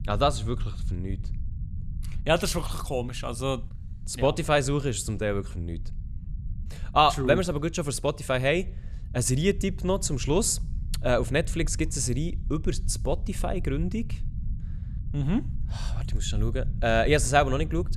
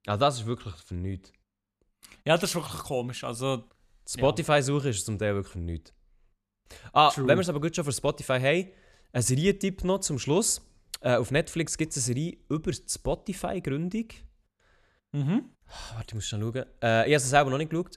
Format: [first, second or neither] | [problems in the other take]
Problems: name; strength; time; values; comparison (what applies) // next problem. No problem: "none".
second | low rumble; faint; throughout; 25 dB below the speech